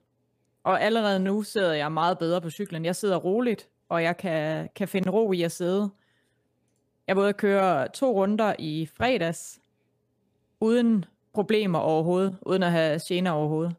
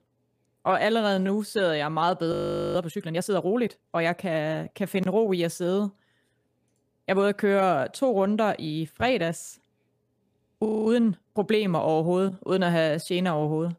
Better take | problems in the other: first | audio freezing; at 2.5 s and at 11 s

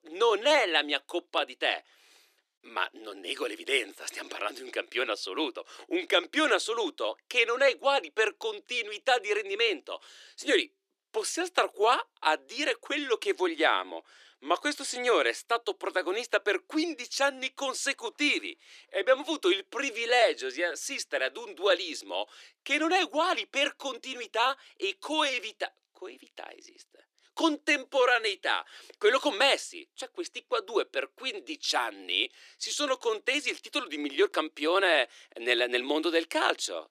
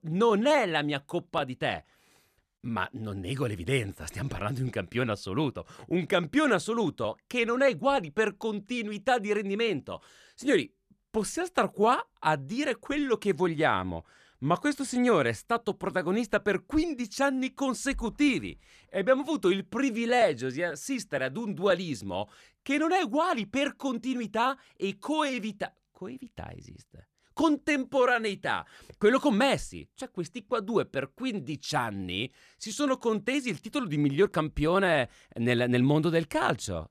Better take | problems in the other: second | thin; somewhat; fading below 300 Hz

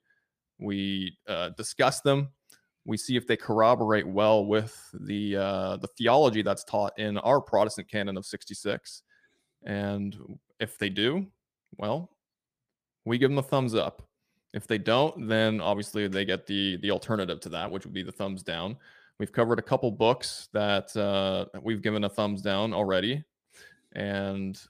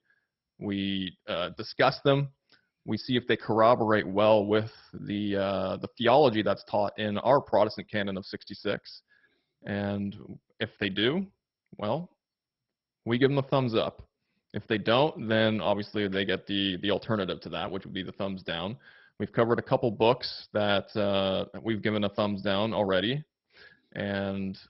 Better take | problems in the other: first | garbled, watery; badly; nothing above 5.5 kHz

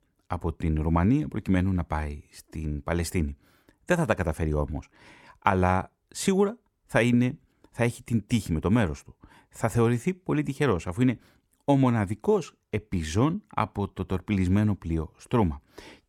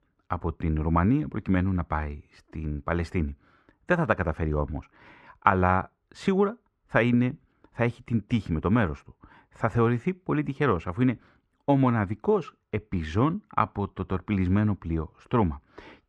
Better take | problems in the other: first | muffled; slightly; fading above 3 kHz

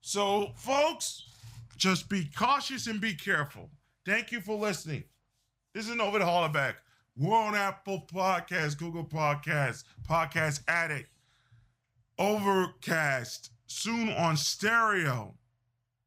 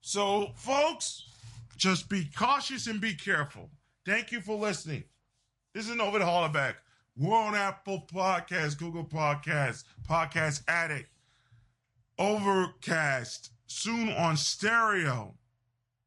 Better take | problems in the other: first | garbled, watery; slightly; nothing above 11 kHz

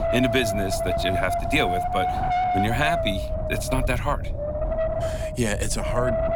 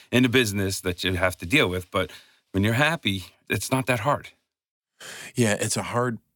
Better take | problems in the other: second | wind noise on the microphone; heavy; 1 dB above the speech

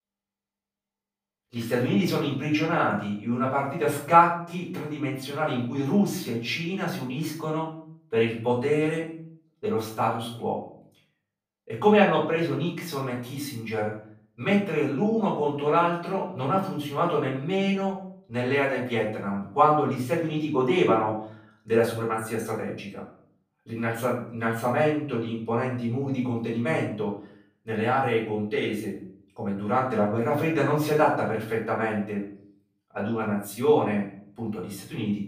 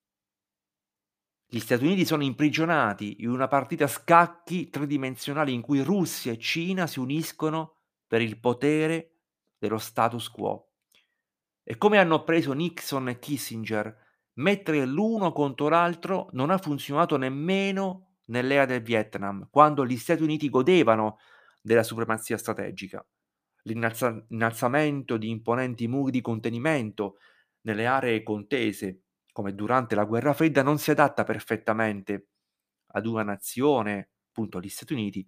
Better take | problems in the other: second | off-mic speech; far // room echo; noticeable; dies away in 0.5 s

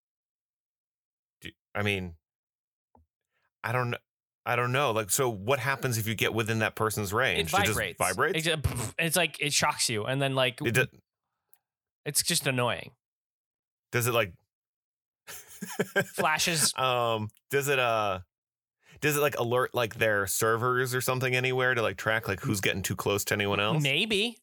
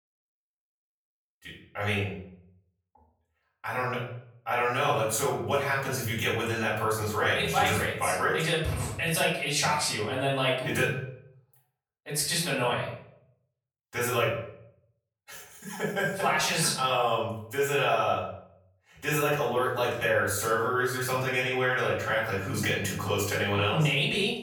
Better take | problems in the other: first | off-mic speech; far // room echo; noticeable; dies away in 0.6 s

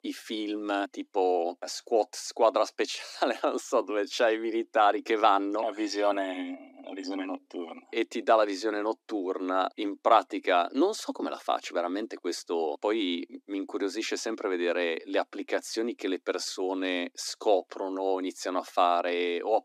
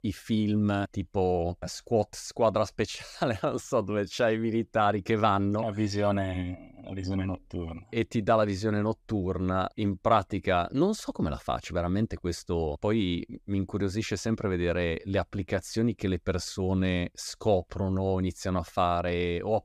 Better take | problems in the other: second | thin; somewhat; fading below 250 Hz

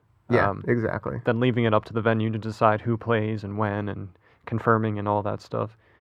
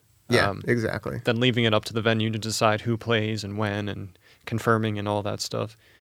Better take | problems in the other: second | muffled; very; fading above 3 kHz

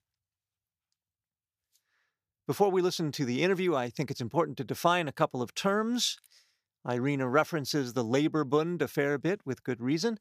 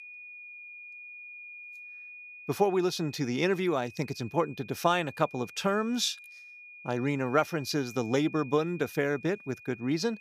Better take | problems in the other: first | high-pitched whine; noticeable; throughout; 2.5 kHz, 15 dB below the speech

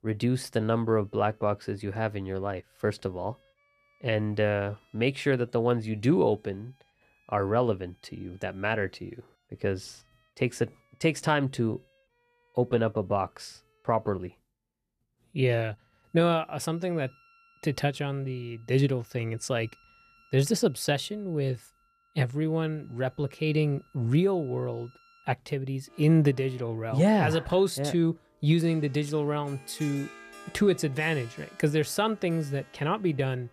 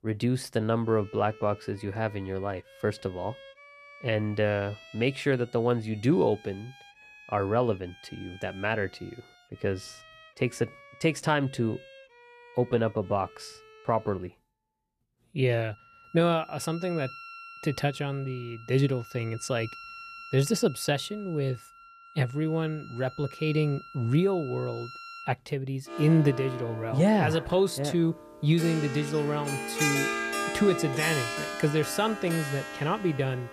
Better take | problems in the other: first | background music; loud; throughout; 9 dB below the speech; faint in the first

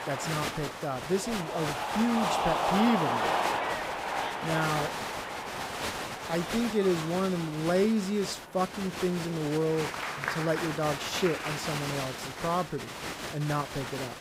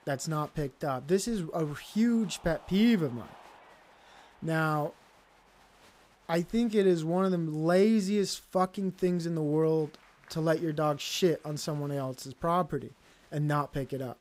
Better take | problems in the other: second | crowd noise; loud; throughout; 2 dB below the speech; faint in the second

